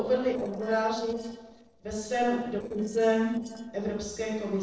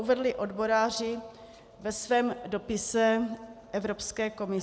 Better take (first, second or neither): second